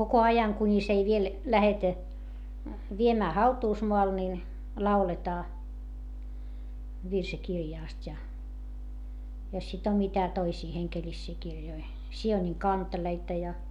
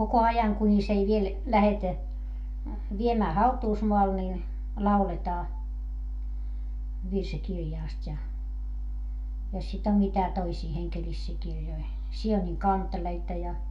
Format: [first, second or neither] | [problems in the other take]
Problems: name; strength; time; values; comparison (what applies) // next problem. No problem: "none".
first | room echo; dies away in 0.2 s